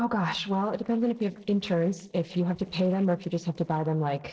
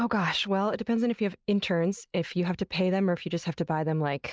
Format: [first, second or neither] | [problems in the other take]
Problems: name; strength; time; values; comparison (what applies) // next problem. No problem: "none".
second | noise reduction (neural separator model SepFormer DNS4)